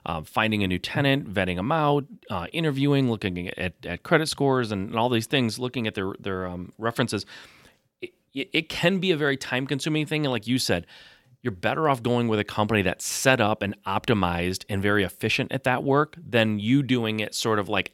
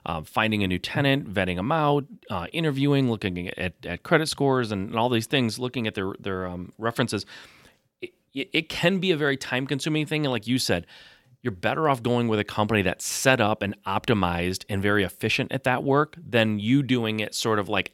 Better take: neither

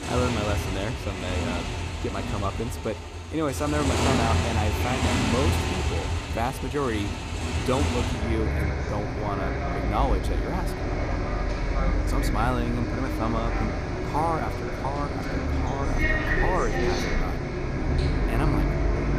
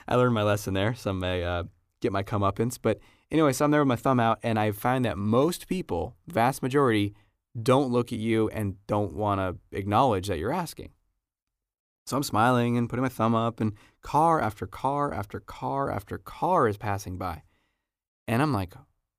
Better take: second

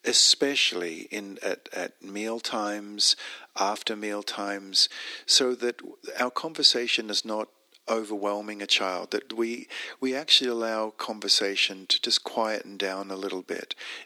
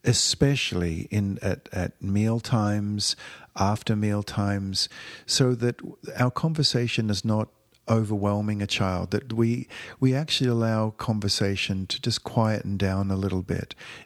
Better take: second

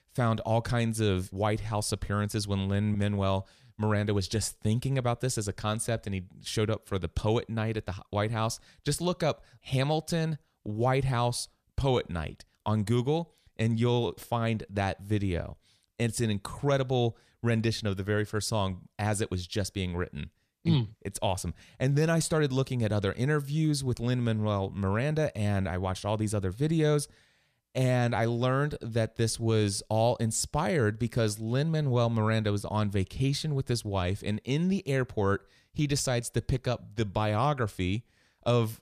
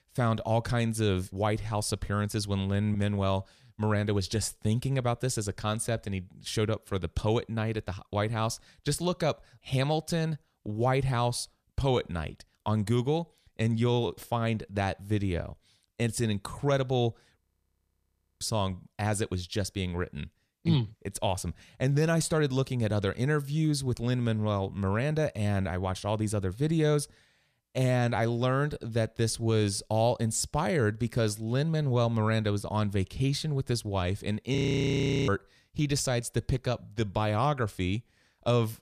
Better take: first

